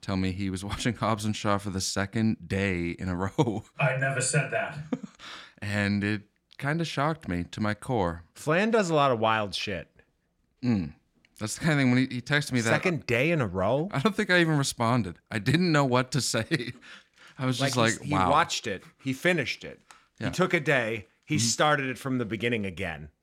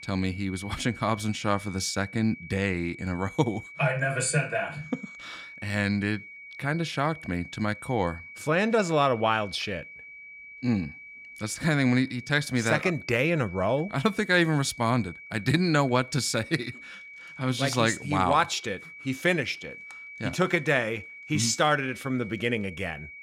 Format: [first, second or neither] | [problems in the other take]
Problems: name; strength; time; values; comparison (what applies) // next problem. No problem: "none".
first | high-pitched whine; noticeable; throughout; 2.5 kHz, 15 dB below the speech